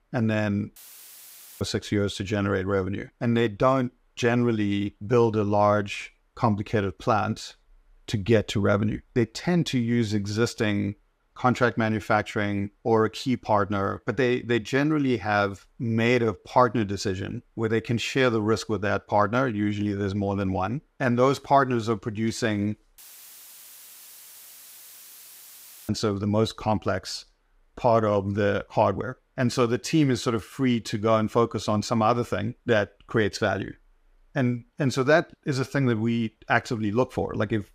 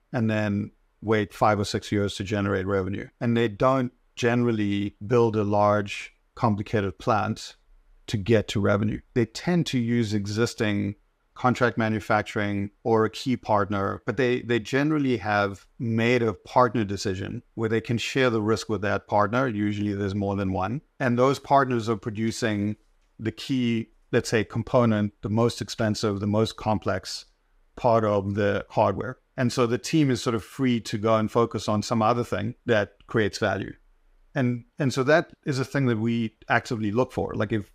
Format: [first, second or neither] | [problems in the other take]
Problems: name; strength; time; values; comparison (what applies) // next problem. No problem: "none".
second | audio cutting out; filled with static; at 1 s for 1 s and at 23 s for 3 s